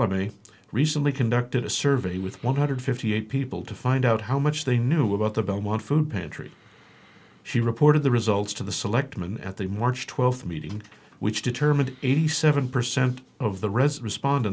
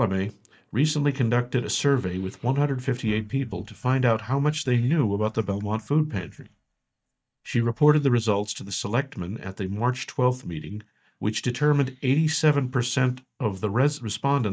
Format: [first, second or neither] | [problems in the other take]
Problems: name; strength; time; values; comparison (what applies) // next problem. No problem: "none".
first | noise reduction (neural mask model DeepFilterNet 3)